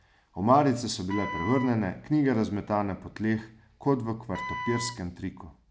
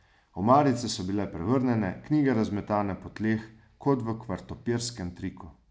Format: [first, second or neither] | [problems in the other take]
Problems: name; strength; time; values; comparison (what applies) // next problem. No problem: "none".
second | background sound (Wind instrument, woodwind instrument); 10 dB below the speech